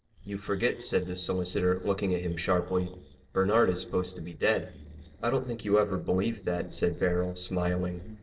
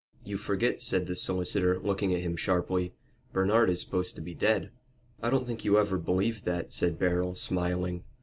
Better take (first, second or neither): second